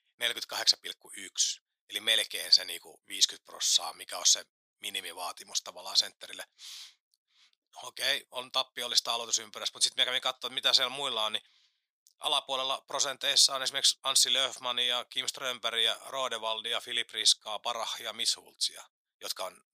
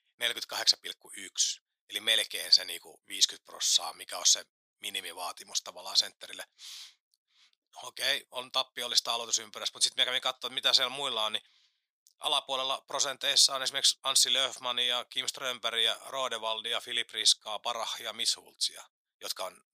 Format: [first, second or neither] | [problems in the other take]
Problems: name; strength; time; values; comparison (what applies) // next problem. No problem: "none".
neither | thin; very; fading below 750 Hz; the same in both